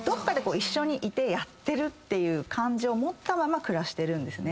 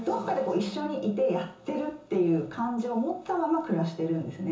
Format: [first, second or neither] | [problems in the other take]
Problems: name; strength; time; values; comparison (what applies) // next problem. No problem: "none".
first | room echo; dies away in 0.6 s